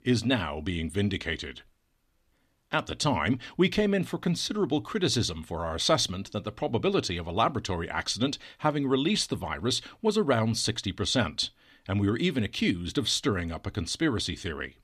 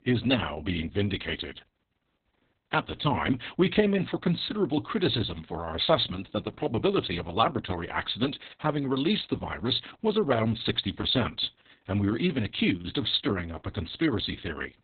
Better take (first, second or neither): first